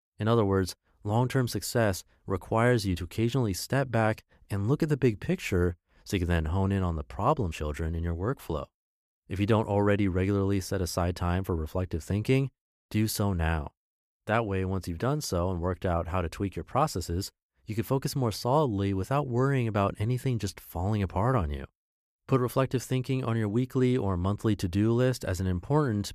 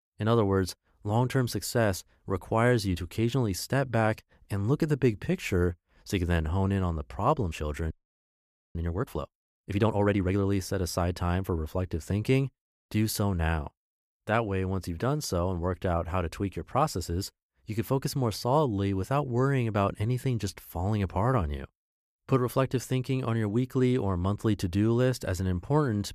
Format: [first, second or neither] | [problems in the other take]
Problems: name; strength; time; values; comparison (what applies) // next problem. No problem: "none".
first | audio freezing; at 8 s for 1 s